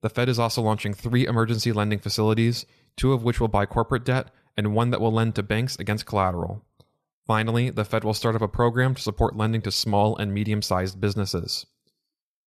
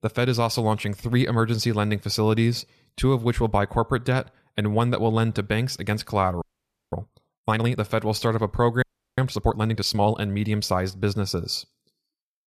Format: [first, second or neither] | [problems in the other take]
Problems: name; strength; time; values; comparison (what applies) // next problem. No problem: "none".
first | audio freezing; at 6.5 s for 0.5 s and at 9 s